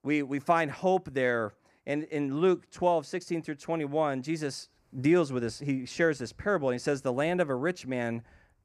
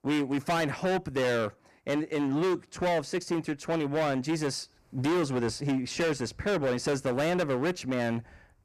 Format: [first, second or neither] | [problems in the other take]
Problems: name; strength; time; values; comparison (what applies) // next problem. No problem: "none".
first | distortion; heavy; 20% of the sound clipped